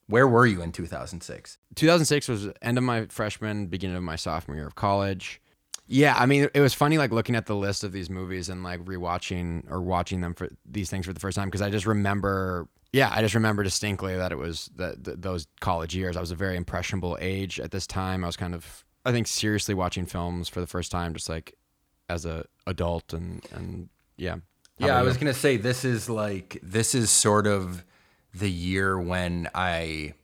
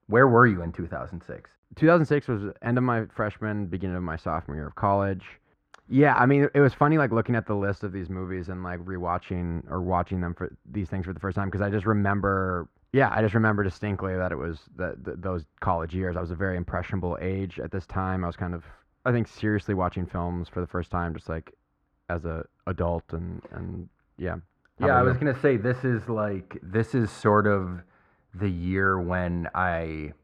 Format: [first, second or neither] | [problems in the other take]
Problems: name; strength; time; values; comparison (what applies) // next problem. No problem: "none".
first | muffled; very; fading above 3.5 kHz